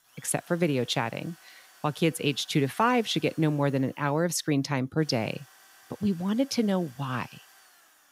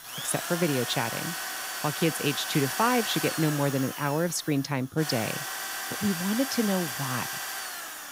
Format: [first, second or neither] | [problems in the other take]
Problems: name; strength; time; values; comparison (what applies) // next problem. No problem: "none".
first | machinery noise; loud; throughout; 4 dB below the speech; faint in the first